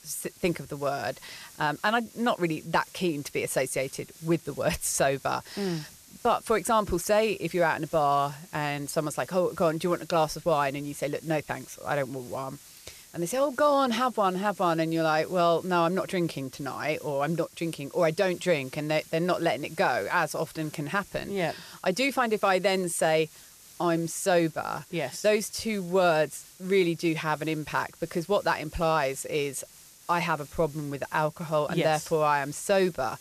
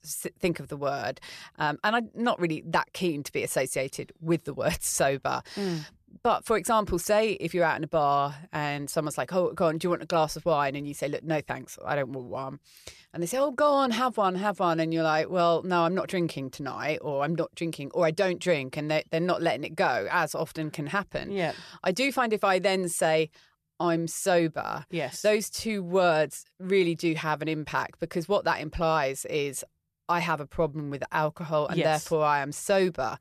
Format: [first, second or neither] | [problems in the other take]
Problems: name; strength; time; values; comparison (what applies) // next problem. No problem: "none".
second | hiss; faint; throughout; 20 dB below the speech